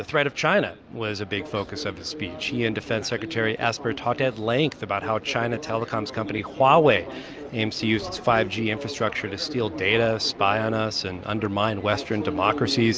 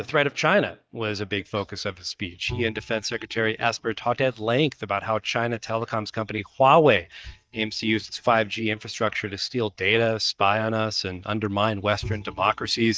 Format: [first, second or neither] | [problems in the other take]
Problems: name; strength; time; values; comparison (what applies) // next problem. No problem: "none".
first | noise reduction (neural mask model DeepFilterNet 3)